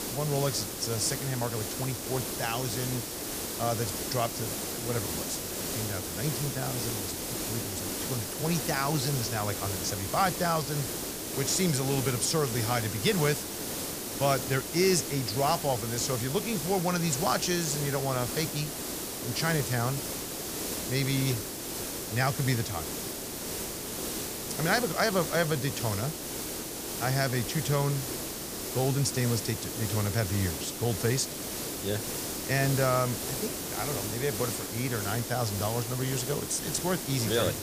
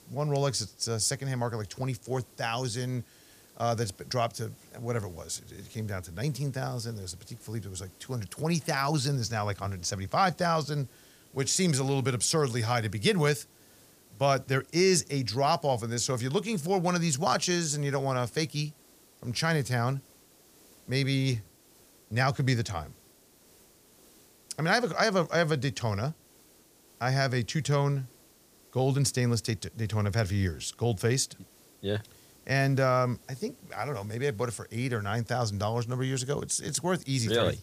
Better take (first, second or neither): second